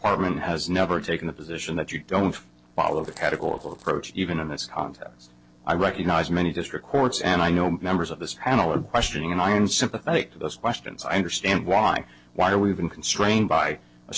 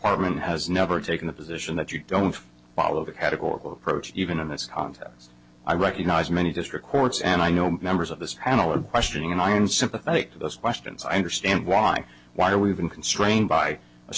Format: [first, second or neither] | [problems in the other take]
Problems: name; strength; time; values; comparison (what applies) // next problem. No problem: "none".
second | noise reduction (neural separator model SepFormer DNS4)